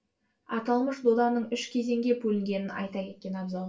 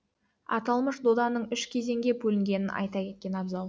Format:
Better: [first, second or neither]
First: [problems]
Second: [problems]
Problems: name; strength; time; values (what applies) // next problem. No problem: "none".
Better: second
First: room echo; dies away in 0.2 s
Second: none